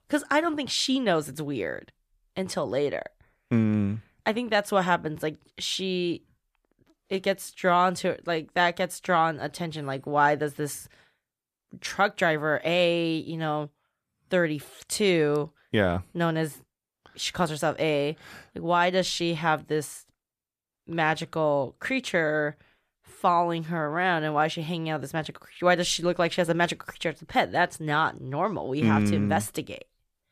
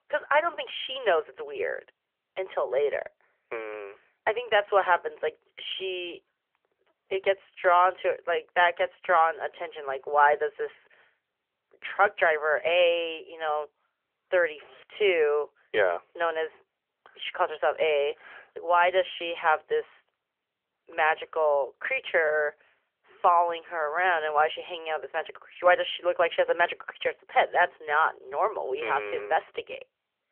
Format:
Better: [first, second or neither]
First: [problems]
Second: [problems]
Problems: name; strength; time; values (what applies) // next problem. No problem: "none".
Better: first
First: none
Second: phone-call audio; nothing above 3.5 kHz